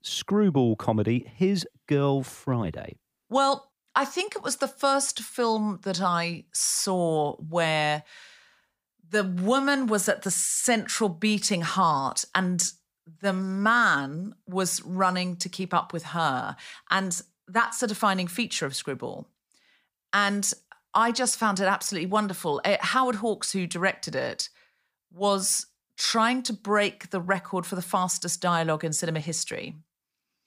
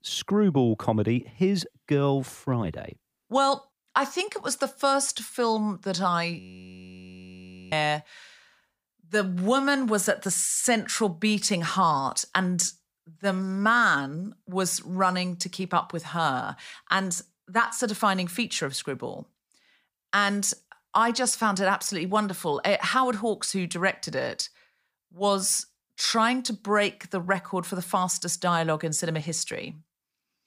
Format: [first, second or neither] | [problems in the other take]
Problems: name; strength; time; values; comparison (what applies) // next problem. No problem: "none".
first | audio freezing; at 6.5 s for 1.5 s